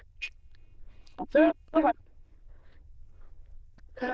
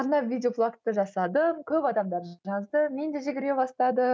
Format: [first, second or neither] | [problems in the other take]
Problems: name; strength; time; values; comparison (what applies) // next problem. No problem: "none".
second | noise reduction (neural diffusion model UNIVERSE++)